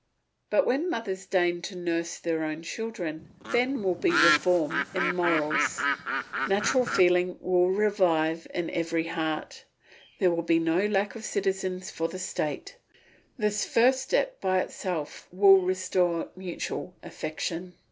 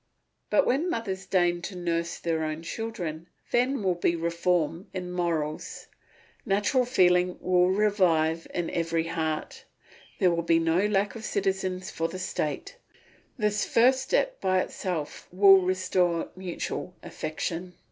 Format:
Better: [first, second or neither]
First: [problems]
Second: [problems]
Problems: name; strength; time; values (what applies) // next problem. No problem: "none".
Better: second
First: background sound (Bird); 2 dB below the speech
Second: none